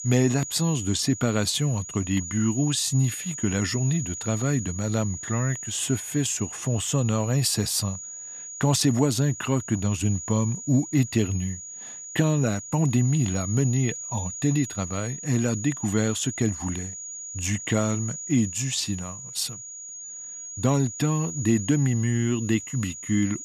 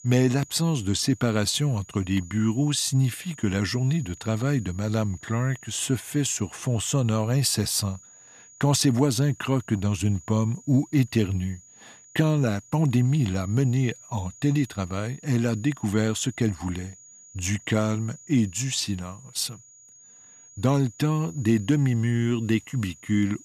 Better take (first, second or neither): second